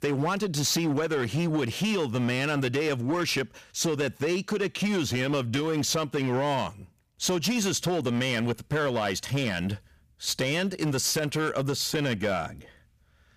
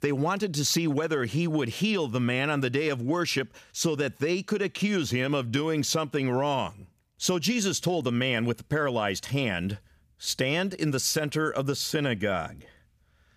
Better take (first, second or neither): second